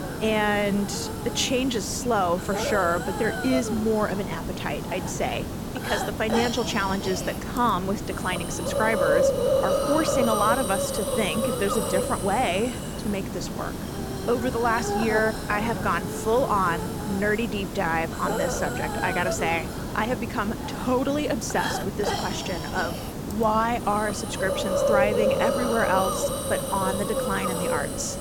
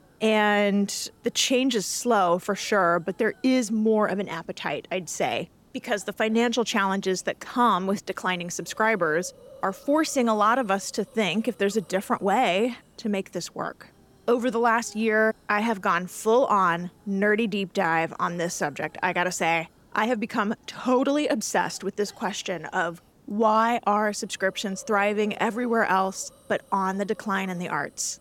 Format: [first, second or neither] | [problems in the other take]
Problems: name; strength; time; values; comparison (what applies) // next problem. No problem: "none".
second | hiss; loud; throughout; 2 dB below the speech; faint in the second